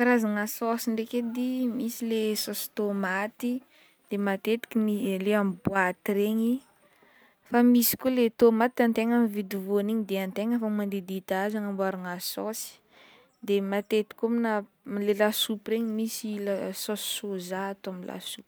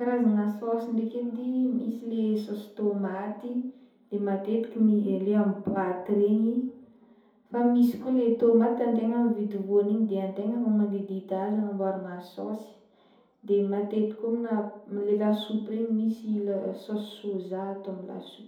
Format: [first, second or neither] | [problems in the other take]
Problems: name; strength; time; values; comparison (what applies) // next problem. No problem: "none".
first | room echo; dies away in 2.6 s